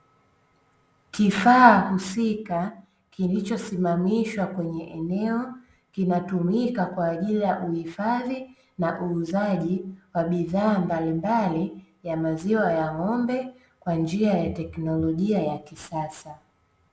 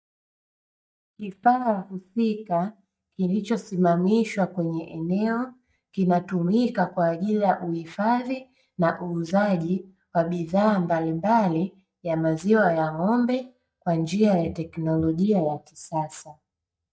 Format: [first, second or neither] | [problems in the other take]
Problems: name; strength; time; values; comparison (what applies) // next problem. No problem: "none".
first | noise reduction (neural mask model DeepFilterNet 3)